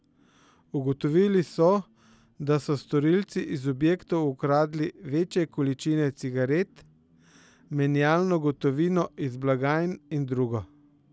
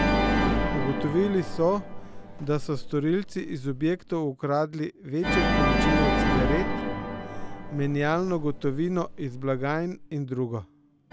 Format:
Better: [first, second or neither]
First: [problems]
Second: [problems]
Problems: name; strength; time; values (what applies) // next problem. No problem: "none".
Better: first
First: none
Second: background sound (Organ); as loud as the speech